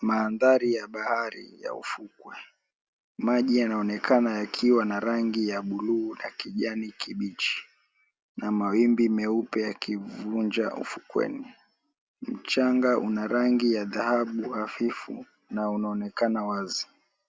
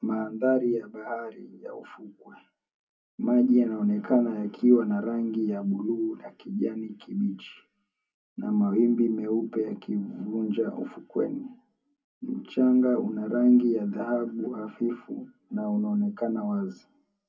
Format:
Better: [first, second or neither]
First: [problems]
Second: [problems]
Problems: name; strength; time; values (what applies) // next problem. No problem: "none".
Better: first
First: none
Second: room echo; dies away in 0.3 s